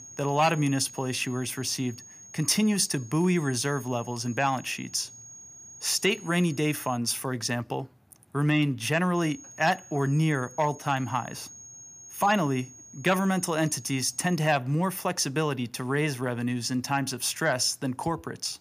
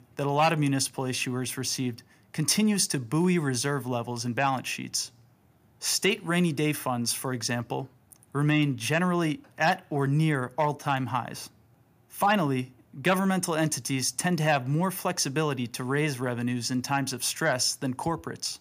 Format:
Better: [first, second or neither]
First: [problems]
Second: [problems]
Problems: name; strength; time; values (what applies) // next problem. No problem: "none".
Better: second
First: high-pitched whine; noticeable; until 7 s and from 9 to 14 s; 6.5 kHz, 20 dB below the speech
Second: none